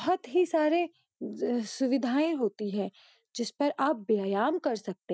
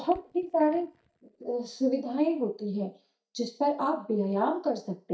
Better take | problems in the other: first | noise reduction (neural mask model DeepFilterNet 3)

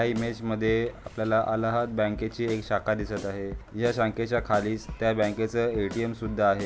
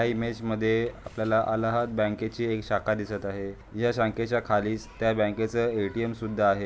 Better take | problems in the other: second | background sound (Drum kit); 16 dB below the speech

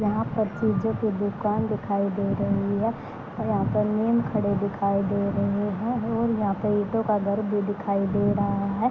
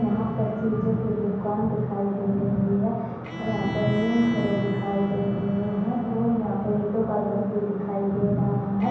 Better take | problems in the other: first | background sound (Bowed string instrument); 18 dB below the speech // room echo; dies away in 1.1 s

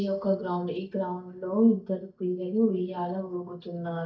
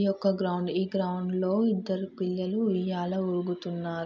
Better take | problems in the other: second | noise reduction (neural mask model DeepFilterNet 3)

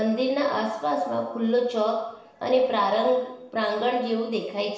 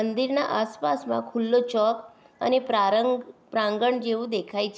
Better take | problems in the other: second | room echo; dies away in 0.9 s

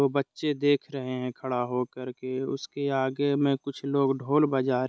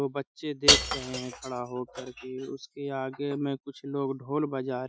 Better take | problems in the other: first | noise reduction (classical method Wiener filter)

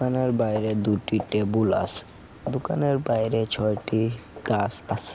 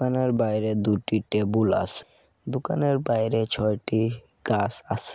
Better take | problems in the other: second | background sound (Walk, footsteps); 16 dB below the speech

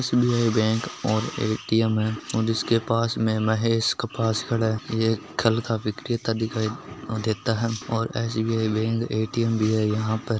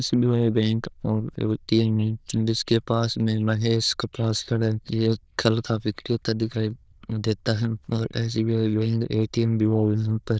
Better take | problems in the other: first | noise reduction (neural diffusion model UNIVERSE++)

